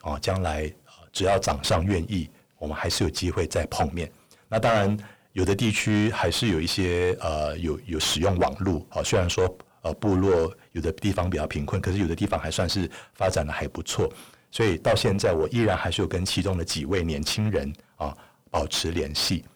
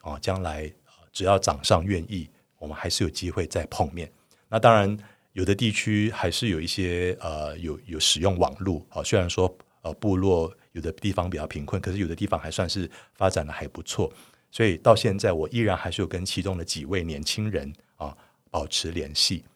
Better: second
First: distortion; heavy; 5 dB below the speech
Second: none

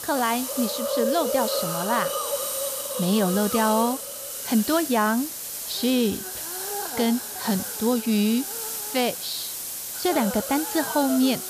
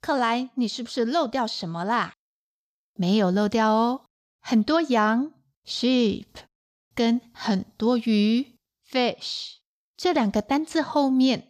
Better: second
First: hiss; loud; throughout; 4 dB below the speech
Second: none

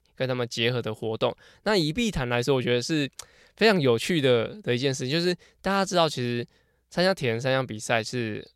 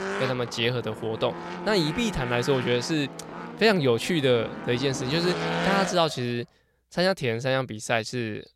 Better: first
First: none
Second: traffic noise; loud; until 6 s; 8 dB below the speech

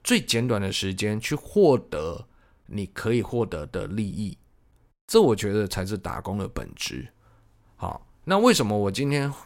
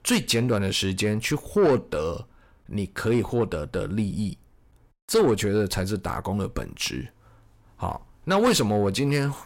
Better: first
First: none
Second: distortion; slight; 10 dB below the speech

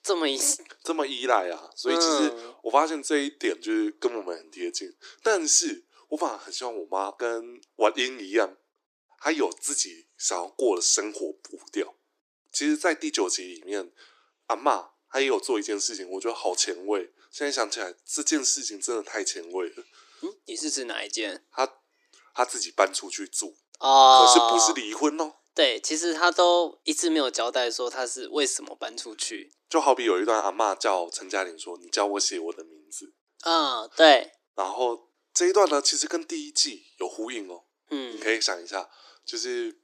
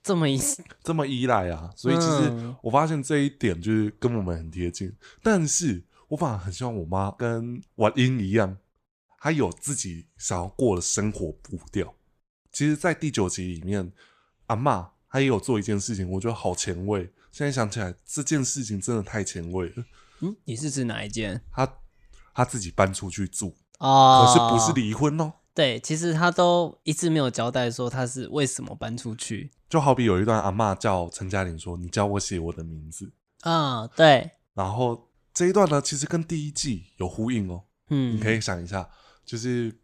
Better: second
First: thin; somewhat; fading below 300 Hz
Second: none

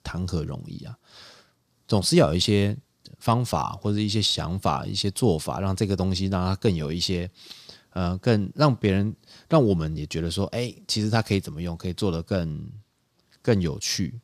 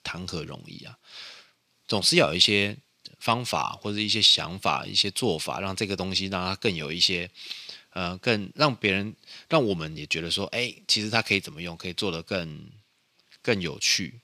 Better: first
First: none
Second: thin; very slightly; fading below 500 Hz

